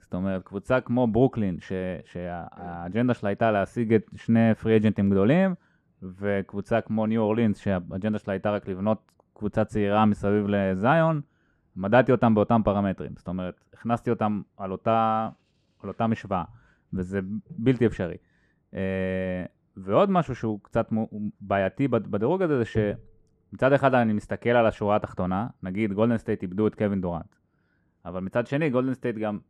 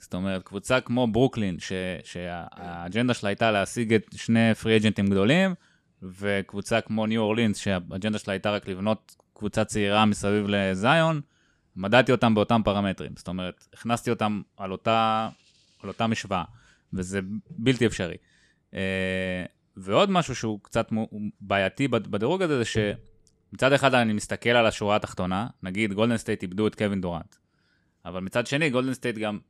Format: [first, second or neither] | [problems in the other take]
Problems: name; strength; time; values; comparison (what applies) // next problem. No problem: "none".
second | muffled; very; fading above 2.5 kHz